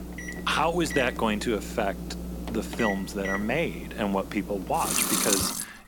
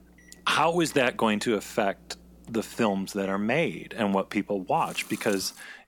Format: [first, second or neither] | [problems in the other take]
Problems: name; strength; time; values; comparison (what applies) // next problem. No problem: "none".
second | household noises; loud; throughout; 2 dB below the speech; faint in the second